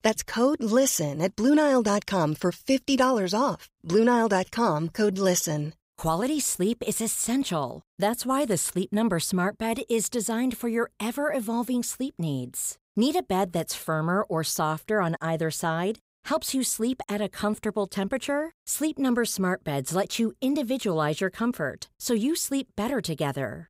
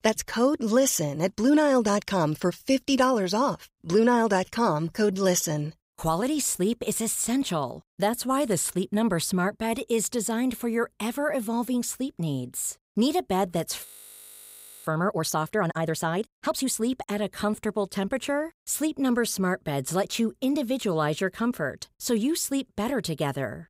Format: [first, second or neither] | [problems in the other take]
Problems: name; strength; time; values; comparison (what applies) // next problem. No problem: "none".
first | audio freezing; at 14 s for 1 s